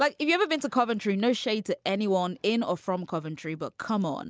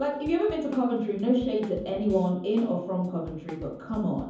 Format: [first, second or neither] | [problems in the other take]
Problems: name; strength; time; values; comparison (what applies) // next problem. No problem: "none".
first | background sound (Drum kit); 18 dB below the speech // room echo; dies away in 0.7 s